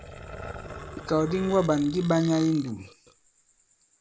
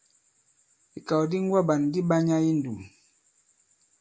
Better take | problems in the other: second | background sound (Growling + Burping, eructation); 15 dB below the speech

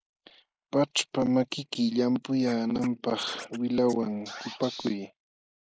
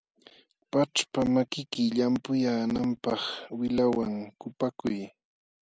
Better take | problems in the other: second | noise reduction (neural mask model Resemble Enhance denoiser)

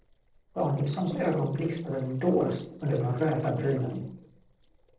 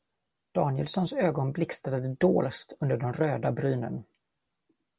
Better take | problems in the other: second | noise reduction (neural separator model SepFormer DNS4)

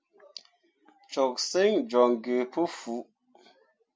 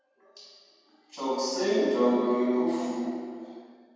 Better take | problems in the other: first | room echo; dies away in 2 s

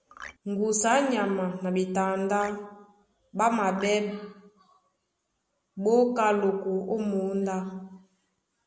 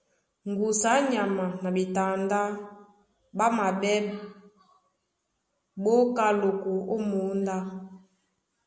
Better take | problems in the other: second | background sound (Marimba, xylophone); 16 dB below the speech

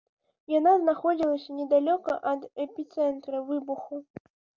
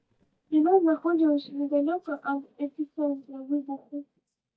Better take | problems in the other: first | noise reduction (neural mask model DeepFilterNet 3)

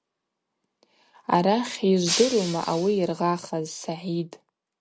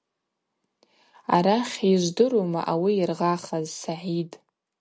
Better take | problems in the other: second | background sound (Shatter); 5 dB below the speech

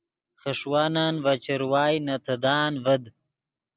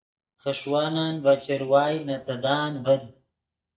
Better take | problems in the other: first | noise reduction (neural mask model DeepFilterNet 3)

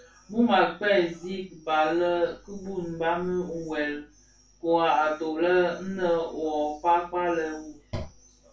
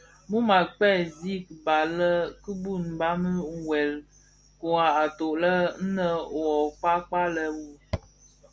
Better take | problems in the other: second | room echo; dies away in 0.2 s

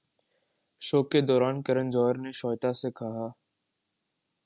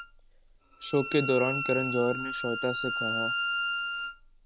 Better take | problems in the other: first | background sound (Bowed string instrument); 2 dB below the speech

